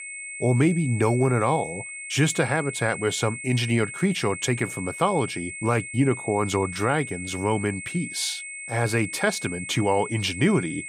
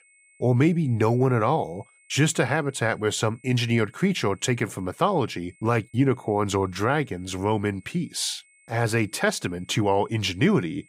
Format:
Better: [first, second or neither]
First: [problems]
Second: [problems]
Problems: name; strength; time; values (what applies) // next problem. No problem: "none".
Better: second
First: high-pitched whine; loud; throughout; 2 kHz, 9 dB below the speech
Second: high-pitched whine; faint; throughout; 2 kHz, 30 dB below the speech